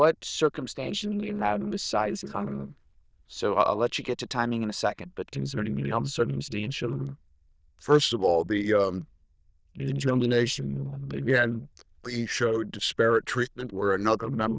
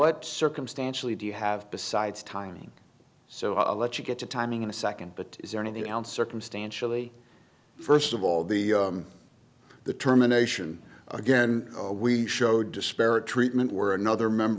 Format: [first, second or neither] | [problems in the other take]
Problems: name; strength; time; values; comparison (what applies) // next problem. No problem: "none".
second | noise reduction (neural diffusion model UNIVERSE++)